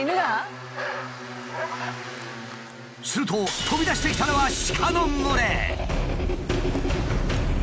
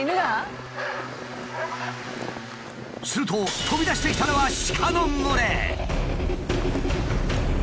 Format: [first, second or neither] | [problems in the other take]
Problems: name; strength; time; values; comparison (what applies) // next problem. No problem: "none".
first | background sound (Walk, footsteps); 16 dB below the speech